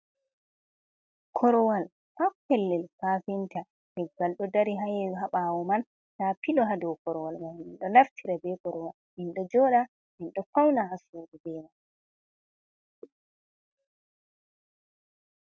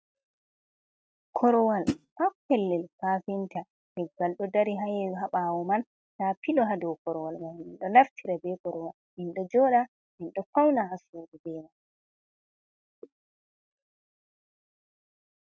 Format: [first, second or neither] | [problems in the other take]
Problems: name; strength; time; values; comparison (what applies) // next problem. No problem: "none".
first | noise reduction (neural mask model RNNoise)